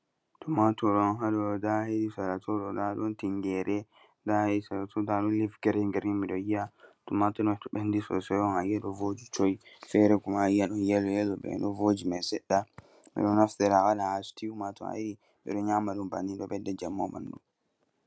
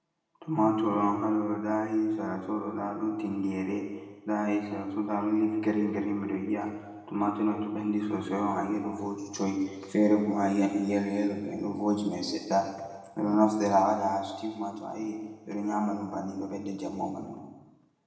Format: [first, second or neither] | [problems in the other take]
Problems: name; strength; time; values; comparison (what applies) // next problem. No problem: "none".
first | room echo; dies away in 1.3 s